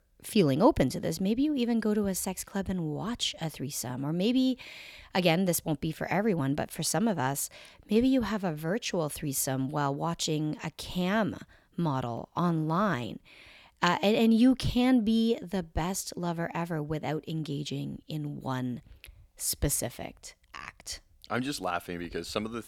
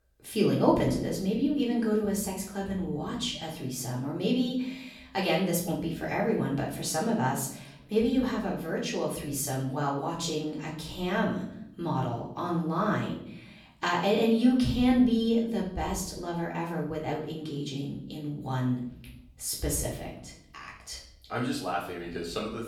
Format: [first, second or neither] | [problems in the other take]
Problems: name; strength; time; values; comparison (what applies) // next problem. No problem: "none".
first | off-mic speech; far // room echo; slight; dies away in 0.6 s